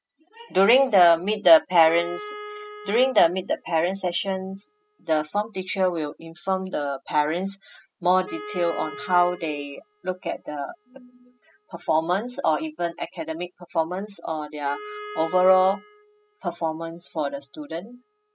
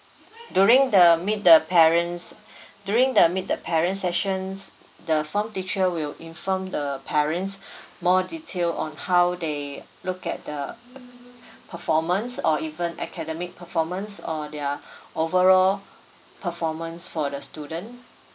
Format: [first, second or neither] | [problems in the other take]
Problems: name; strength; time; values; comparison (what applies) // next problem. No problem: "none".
second | noise reduction (classical method spectral subtraction)